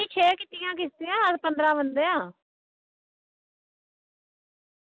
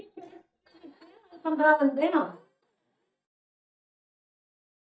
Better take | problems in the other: first | noise reduction (neural mask model DeepFilterNet 3)

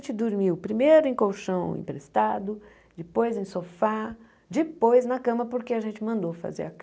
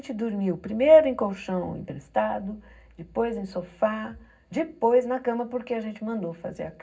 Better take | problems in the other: first | room echo; dies away in 0.4 s

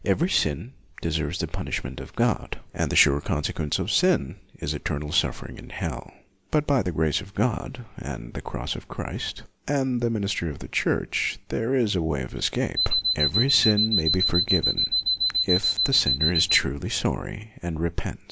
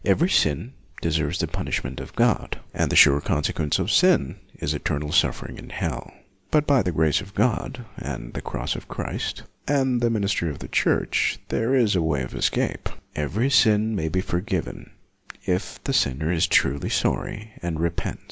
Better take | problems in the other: second | background sound (Alarm); 2 dB above the speech

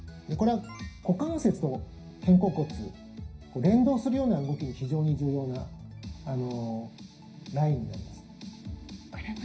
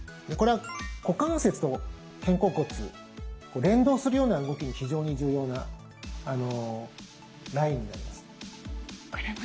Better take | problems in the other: second | room echo; dies away in 0.5 s

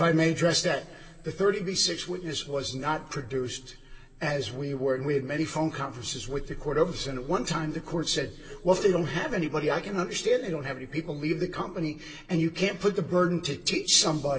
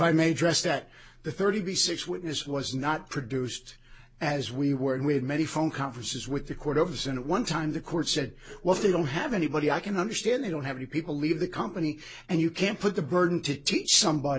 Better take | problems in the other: second | room echo; dies away in 2.6 s

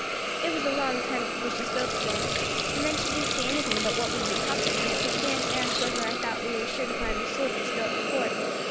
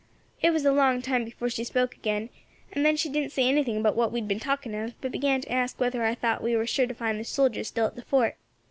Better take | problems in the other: second | background sound (Hiss + Sink (filling or washing) / Water tap, faucet); 5 dB above the speech

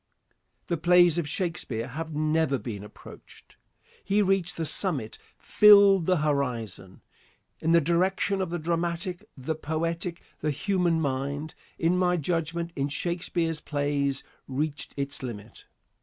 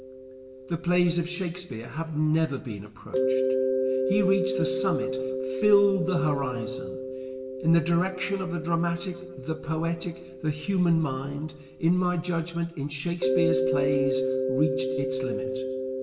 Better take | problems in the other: first | background sound (Mallet percussion); 2 dB below the speech // room echo; dies away in 1 s

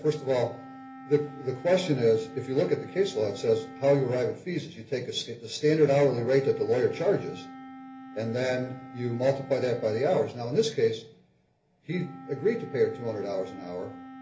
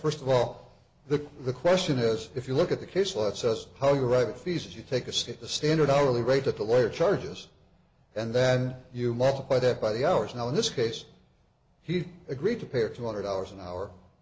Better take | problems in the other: second | background sound (Wind instrument, woodwind instrument); 17 dB below the speech // room echo; dies away in 0.3 s

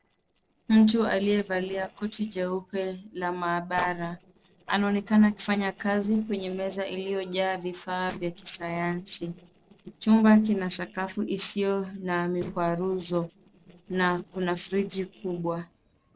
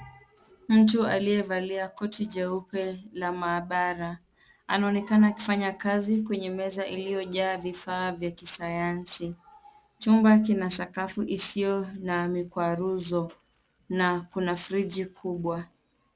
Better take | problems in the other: second | noise reduction (neural separator model SepFormer DNS4)

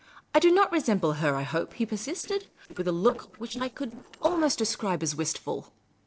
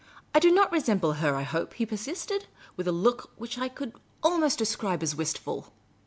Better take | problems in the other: second | noise reduction (neural separator model SepFormer DNS4)

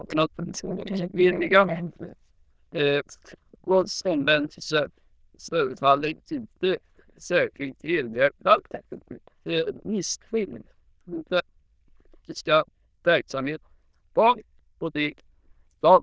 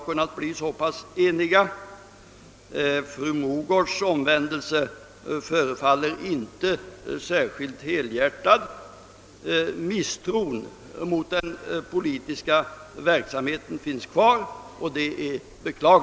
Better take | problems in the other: second | noise reduction (neural diffusion model UNIVERSE++)

